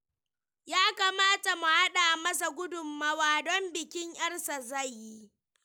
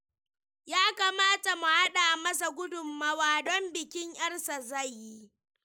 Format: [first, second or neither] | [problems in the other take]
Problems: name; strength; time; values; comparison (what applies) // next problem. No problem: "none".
first | noise reduction (neural mask model Resemble Enhance denoiser)